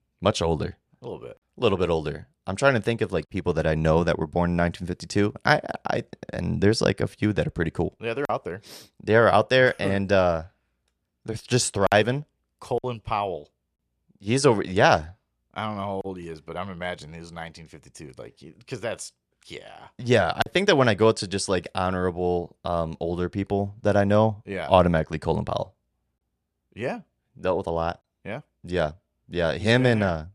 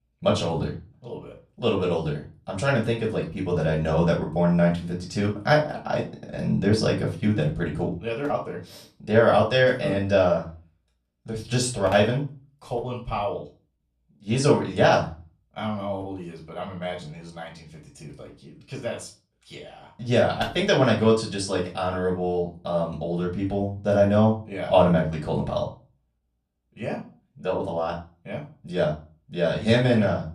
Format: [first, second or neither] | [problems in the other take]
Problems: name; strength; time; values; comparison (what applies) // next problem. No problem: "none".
first | off-mic speech; far // room echo; slight; dies away in 0.3 s